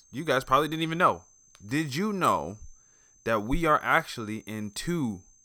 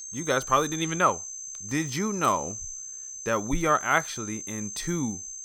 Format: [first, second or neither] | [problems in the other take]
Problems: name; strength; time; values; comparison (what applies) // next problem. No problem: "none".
first | high-pitched whine; loud; throughout; 6.5 kHz, 8 dB below the speech; faint in the first